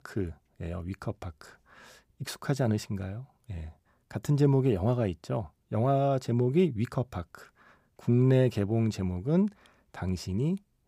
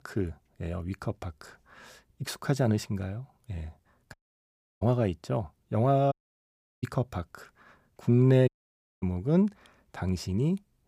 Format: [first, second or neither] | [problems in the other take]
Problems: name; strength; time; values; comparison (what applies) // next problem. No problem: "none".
first | audio cutting out; at 4 s for 0.5 s, at 6 s for 0.5 s and at 8.5 s for 0.5 s